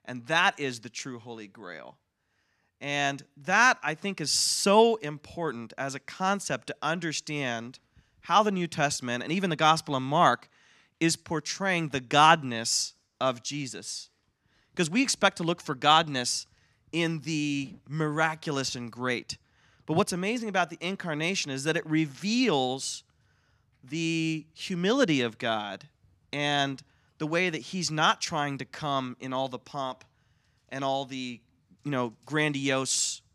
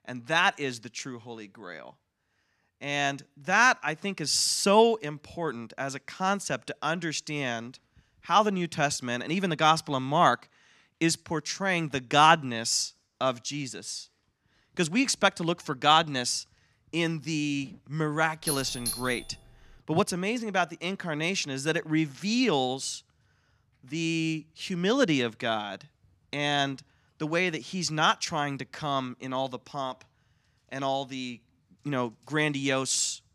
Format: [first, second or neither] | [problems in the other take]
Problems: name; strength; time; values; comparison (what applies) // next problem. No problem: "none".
first | doorbell; noticeable; at 18 s; peak 5 dB below the speech